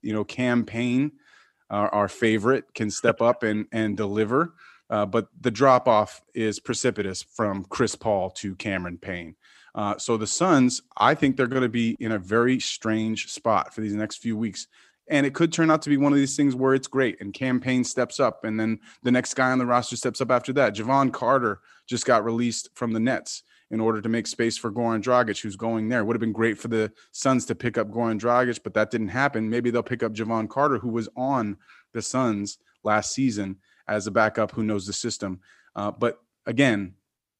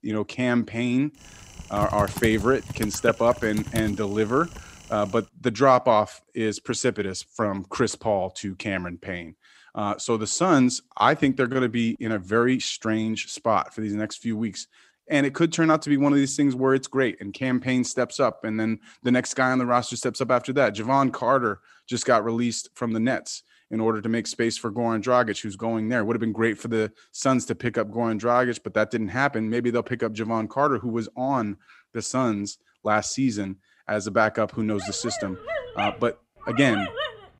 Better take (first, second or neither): first